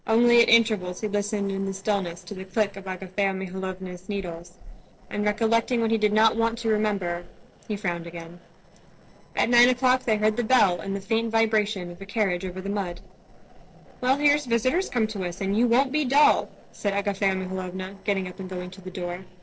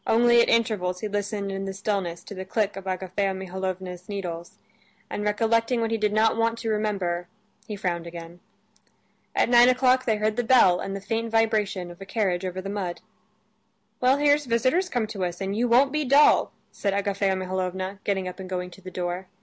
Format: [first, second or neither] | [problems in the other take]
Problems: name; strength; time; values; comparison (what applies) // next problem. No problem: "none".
second | noise reduction (neural separator model SepFormer DNS4)